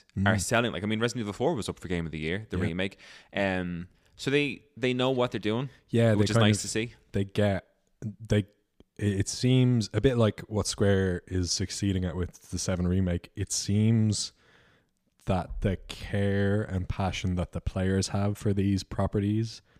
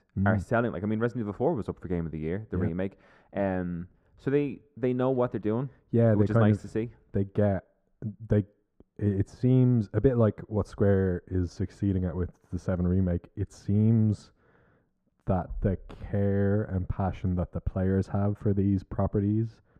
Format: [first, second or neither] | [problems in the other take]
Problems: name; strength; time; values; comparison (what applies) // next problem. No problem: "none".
first | muffled; very; fading above 1.5 kHz